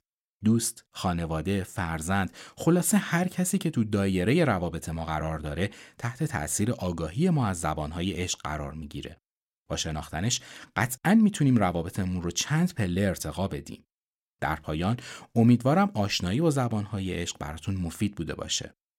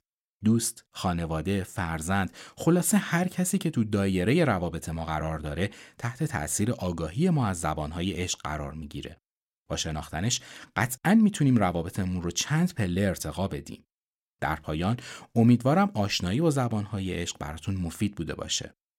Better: neither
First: none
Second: none

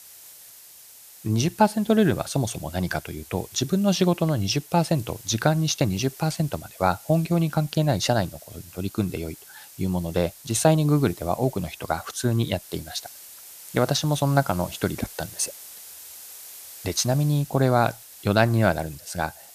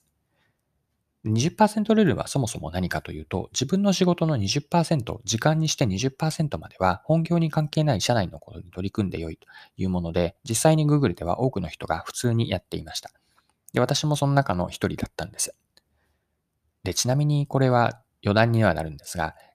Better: second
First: hiss; noticeable; throughout; 20 dB below the speech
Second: none

